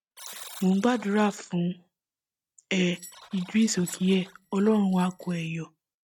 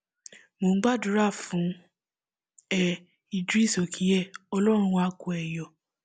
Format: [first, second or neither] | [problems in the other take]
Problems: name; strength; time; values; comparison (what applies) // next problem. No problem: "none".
second | noise reduction (neural mask model RNNoise)